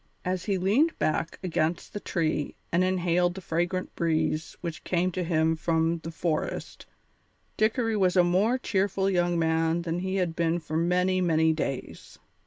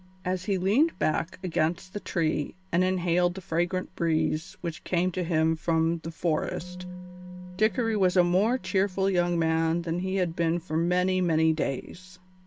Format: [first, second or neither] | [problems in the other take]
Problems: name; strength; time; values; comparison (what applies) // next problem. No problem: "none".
first | background sound (Musical instrument); 20 dB below the speech